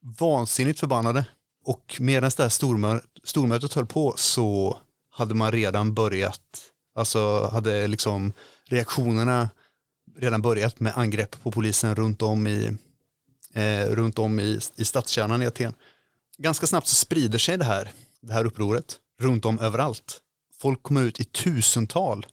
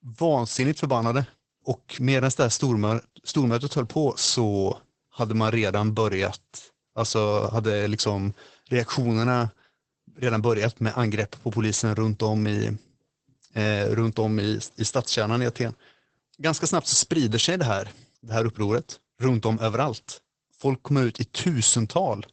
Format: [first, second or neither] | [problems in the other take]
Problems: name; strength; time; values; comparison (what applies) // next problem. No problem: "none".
first | garbled, watery; badly; nothing above 8 kHz; slightly in the first